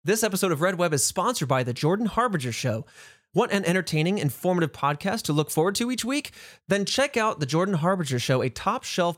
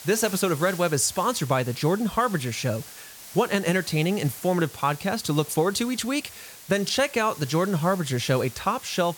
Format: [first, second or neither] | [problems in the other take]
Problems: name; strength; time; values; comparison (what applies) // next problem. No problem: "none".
first | hiss; noticeable; throughout; 15 dB below the speech